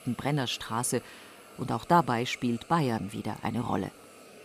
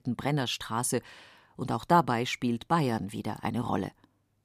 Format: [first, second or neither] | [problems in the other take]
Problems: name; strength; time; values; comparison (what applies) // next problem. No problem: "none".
second | hiss; faint; throughout; 20 dB below the speech